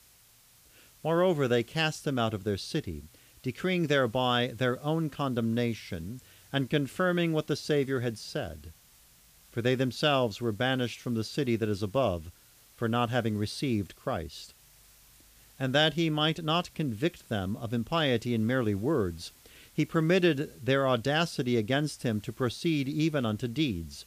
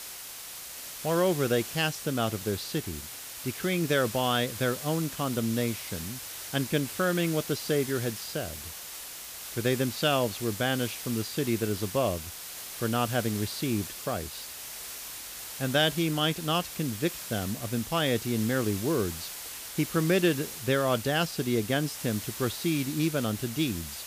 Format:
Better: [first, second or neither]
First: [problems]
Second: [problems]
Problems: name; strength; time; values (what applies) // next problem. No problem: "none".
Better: first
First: hiss; faint; throughout; 25 dB below the speech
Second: hiss; loud; throughout; 8 dB below the speech